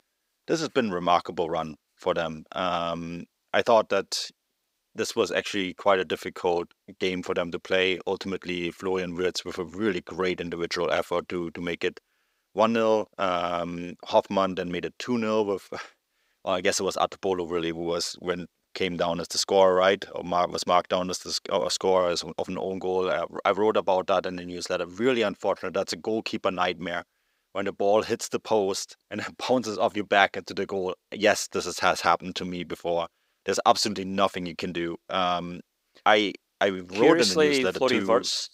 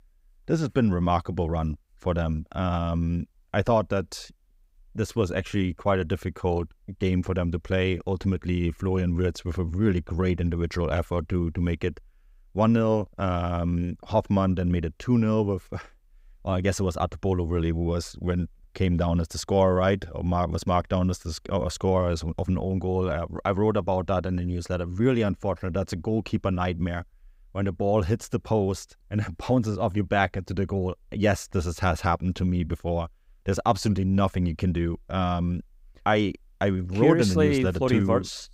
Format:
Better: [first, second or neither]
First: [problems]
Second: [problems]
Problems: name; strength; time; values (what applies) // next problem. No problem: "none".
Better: second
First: thin; somewhat; fading below 350 Hz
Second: none